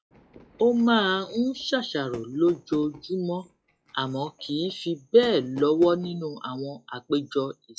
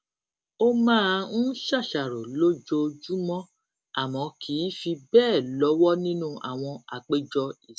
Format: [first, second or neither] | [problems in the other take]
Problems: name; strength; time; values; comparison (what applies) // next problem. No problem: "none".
second | noise reduction (classical method log-MMSE)